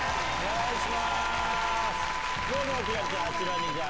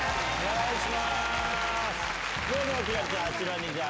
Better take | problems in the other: second | background sound (Harmonica); 3 dB below the speech

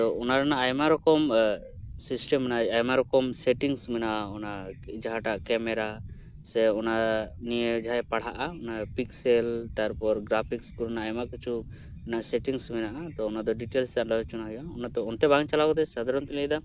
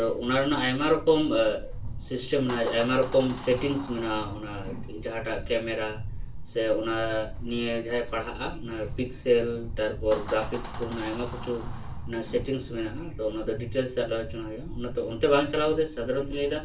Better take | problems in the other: first | background sound (Door); 18 dB below the speech // room echo; dies away in 0.3 s

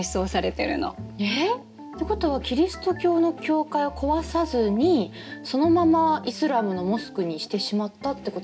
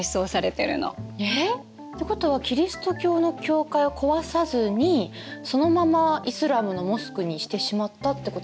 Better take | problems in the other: second | room echo; dies away in 0.3 s

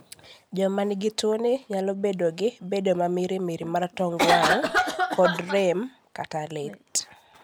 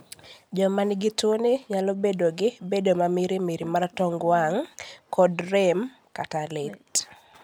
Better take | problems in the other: second | background sound (Cough); 2 dB above the speech

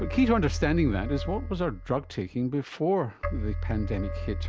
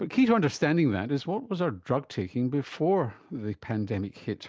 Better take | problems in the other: second | background sound (Keyboard (musical)); 5 dB below the speech

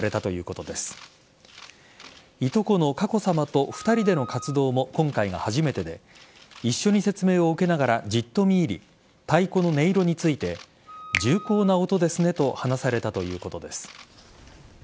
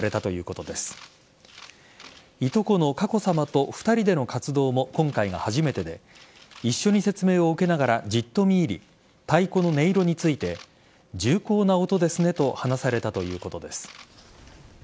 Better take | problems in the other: second | background sound (Finger snapping + Wind instrument, woodwind instrument); 13 dB below the speech

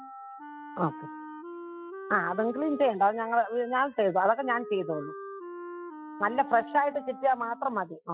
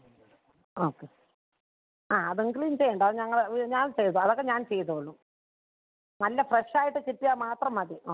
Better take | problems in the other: second | noise reduction (classical method Wiener filter)

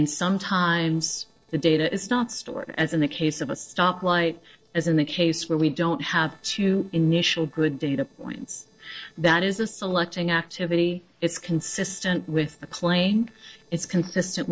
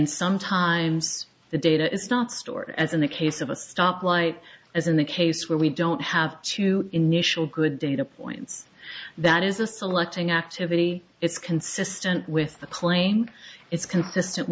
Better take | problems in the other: second | noise reduction (neural separator model SepFormer DNS4)

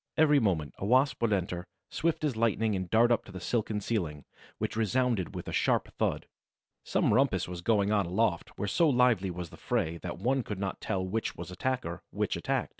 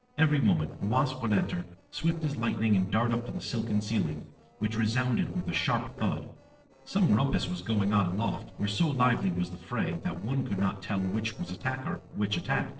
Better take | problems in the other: first | noise reduction (neural separator model SepFormer DNS4)

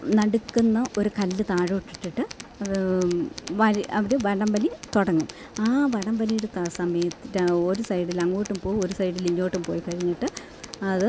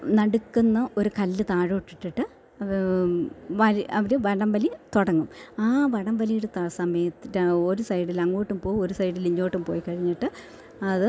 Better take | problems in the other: second | background sound (Tools); 18 dB below the speech

